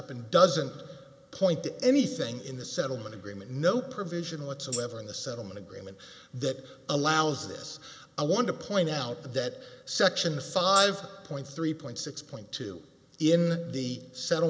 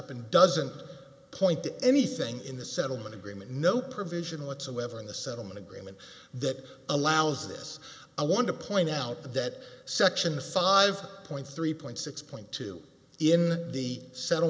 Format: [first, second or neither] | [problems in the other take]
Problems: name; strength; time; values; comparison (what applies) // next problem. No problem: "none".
second | background sound (Tambourine); 12 dB below the speech